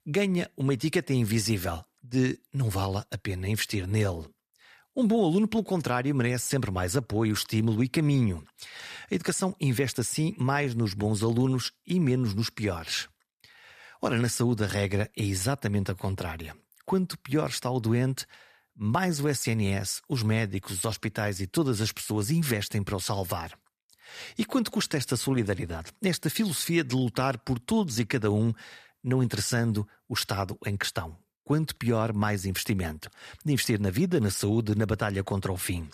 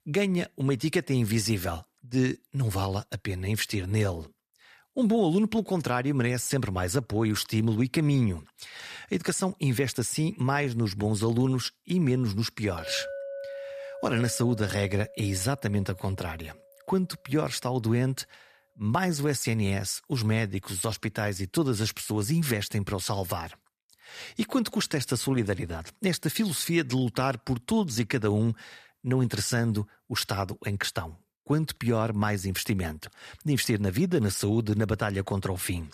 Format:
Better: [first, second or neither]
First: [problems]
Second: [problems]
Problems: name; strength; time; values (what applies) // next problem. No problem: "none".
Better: first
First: none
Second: clattering dishes; noticeable; from 13 to 16 s; peak 9 dB below the speech